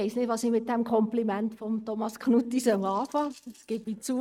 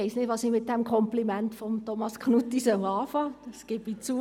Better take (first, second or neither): second